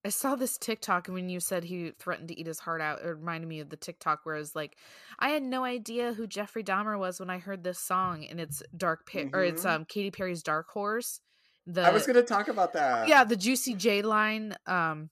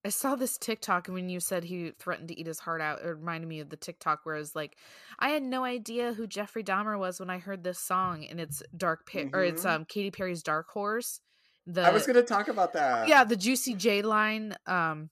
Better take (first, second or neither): neither